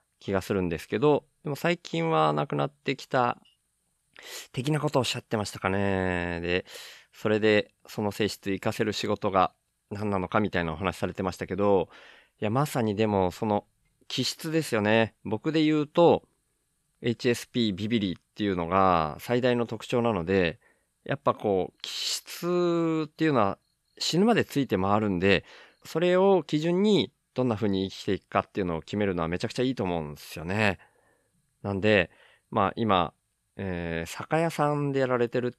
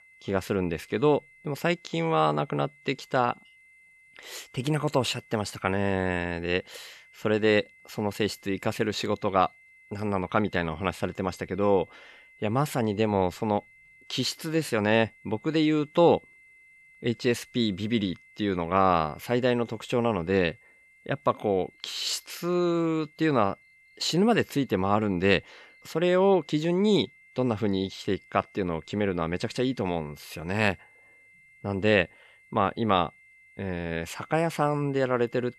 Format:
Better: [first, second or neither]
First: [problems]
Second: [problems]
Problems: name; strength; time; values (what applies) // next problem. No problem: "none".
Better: first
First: none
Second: high-pitched whine; faint; throughout; 2 kHz, 25 dB below the speech